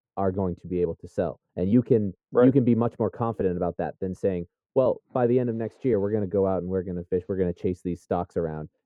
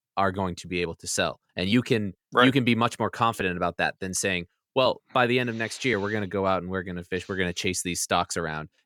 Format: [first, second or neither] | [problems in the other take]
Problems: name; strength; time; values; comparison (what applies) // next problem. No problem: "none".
second | muffled; very; fading above 1.5 kHz